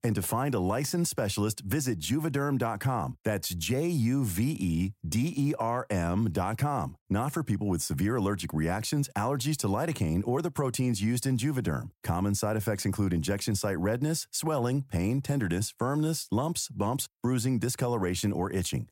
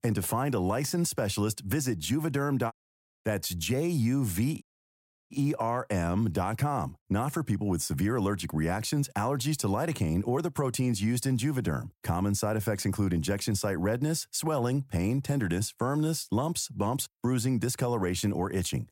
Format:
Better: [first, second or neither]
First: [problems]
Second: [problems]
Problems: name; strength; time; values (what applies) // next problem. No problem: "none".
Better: first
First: none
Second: audio cutting out; at 2.5 s for 0.5 s and at 4.5 s for 0.5 s